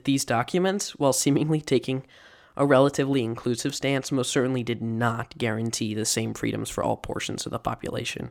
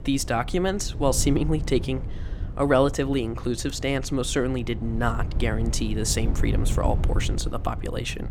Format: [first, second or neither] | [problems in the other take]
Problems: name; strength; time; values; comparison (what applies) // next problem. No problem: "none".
first | wind noise on the microphone; occasional gusts; 15 dB below the speech